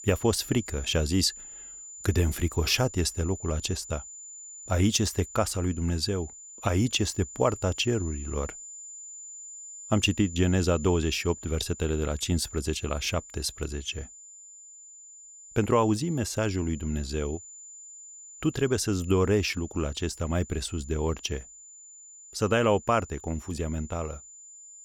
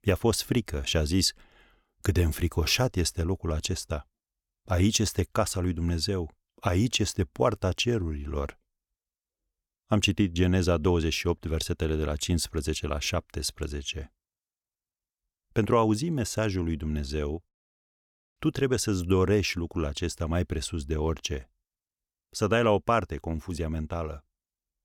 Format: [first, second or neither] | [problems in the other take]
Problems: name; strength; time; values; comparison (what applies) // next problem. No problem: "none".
second | high-pitched whine; noticeable; throughout; 7 kHz, 15 dB below the speech